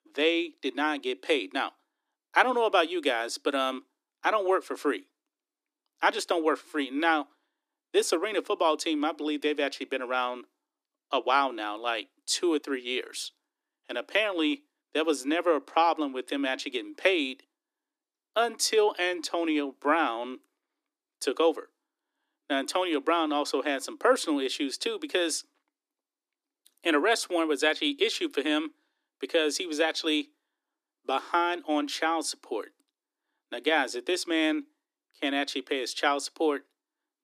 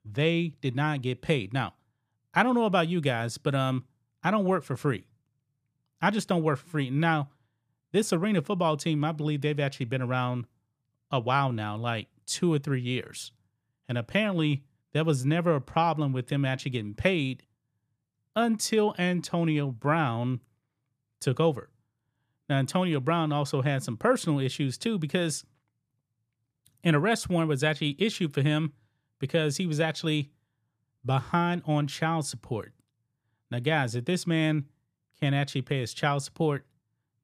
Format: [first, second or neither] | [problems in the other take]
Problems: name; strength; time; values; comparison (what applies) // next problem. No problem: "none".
second | thin; somewhat; fading below 300 Hz